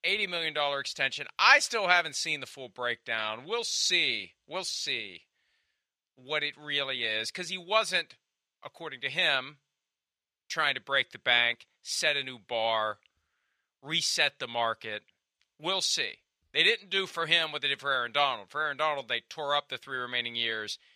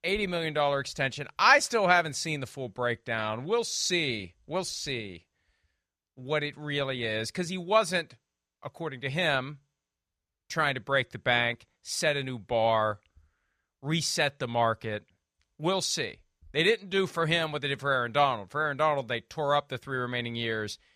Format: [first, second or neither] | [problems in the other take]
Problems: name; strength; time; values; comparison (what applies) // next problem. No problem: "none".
second | thin; somewhat; fading below 500 Hz